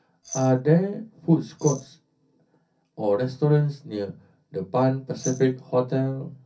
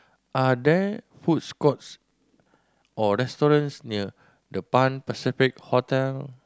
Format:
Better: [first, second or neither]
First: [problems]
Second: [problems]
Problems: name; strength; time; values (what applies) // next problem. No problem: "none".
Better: second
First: background sound (Glass); 13 dB below the speech // room echo; dies away in 0.3 s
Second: none